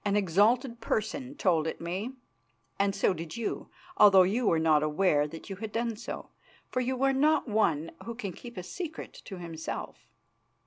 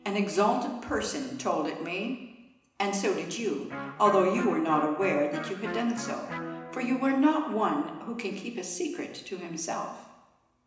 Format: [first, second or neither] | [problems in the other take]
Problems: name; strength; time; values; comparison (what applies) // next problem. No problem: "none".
first | background sound (Electric guitar); 14 dB below the speech // room echo; dies away in 1 s